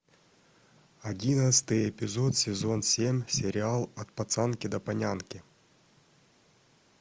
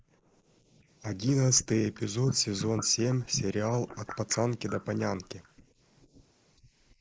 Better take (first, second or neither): first